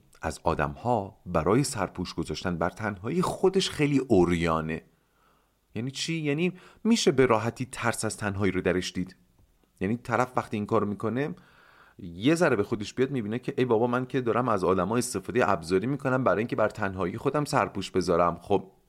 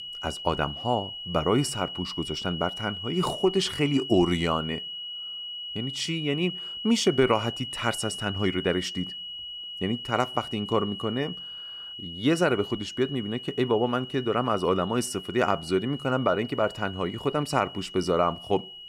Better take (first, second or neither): first